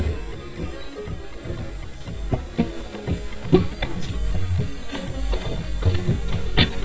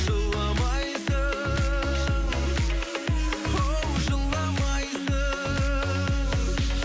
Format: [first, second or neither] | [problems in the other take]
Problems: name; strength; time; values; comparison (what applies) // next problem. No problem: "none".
second | noise reduction (neural mask model DeepFilterNet 3)